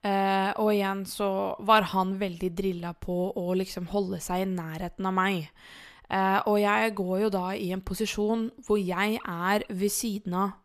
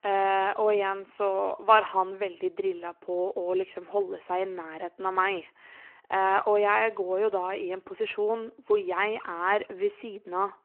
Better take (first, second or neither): first